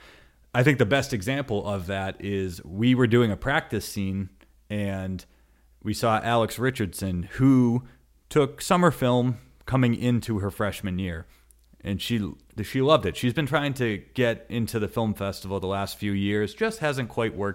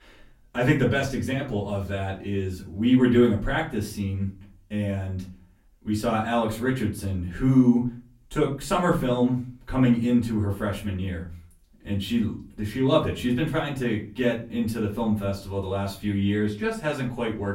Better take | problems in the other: first | off-mic speech; far // room echo; slight; dies away in 0.3 s

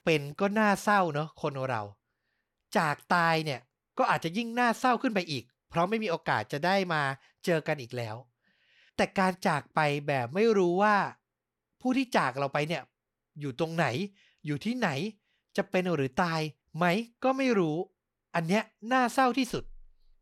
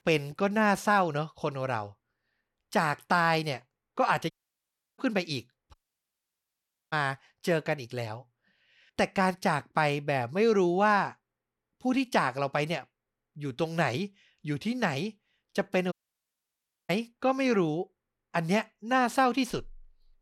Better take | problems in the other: first | audio cutting out; at 4.5 s for 0.5 s, at 5.5 s for 1 s and at 16 s for 1 s

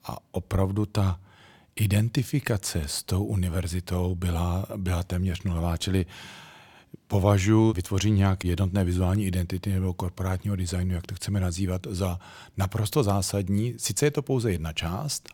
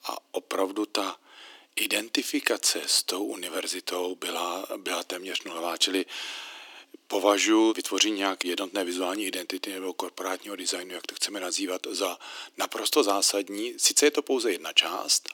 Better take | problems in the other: first | thin; very; fading below 300 Hz

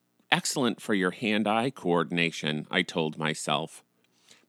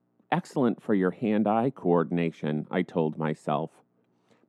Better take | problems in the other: first | muffled; very; fading above 2 kHz

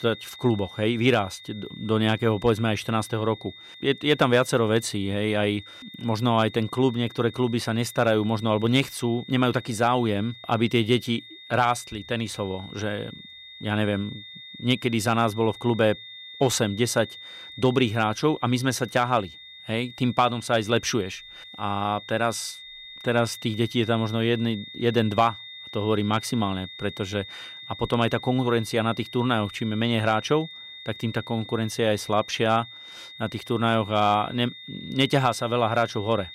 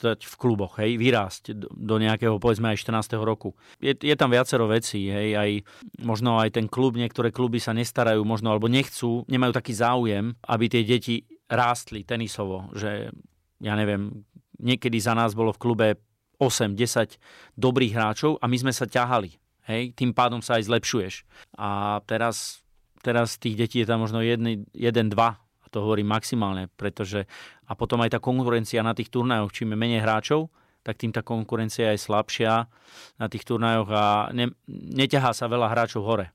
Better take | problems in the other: second | high-pitched whine; noticeable; throughout; 3.5 kHz, 15 dB below the speech

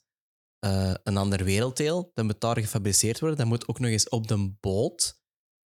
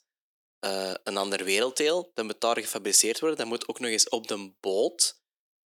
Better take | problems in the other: first | thin; very; fading below 300 Hz

